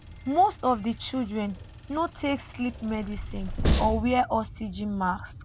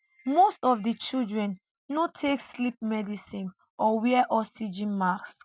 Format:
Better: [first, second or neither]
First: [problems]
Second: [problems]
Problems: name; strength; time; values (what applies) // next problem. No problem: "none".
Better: second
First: background sound (Train); 5 dB below the speech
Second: none